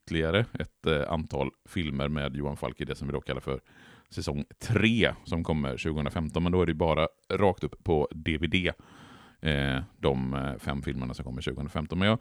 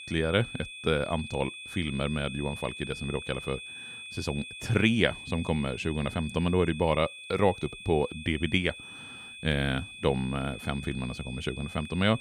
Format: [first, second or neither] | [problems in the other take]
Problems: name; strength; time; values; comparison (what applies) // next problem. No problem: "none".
first | high-pitched whine; noticeable; throughout; 2.5 kHz, 10 dB below the speech